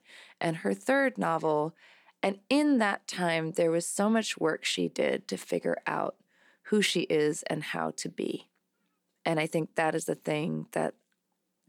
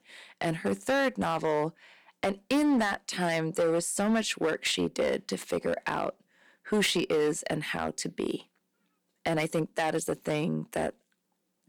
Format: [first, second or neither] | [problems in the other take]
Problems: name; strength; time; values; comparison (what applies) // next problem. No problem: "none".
first | distortion; slight; 6% of the sound clipped